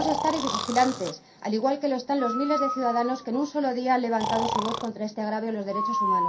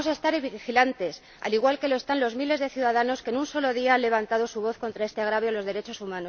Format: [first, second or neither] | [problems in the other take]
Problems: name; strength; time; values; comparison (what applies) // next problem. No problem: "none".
second | background sound (Breathing); 4 dB below the speech // room echo; dies away in 0.3 s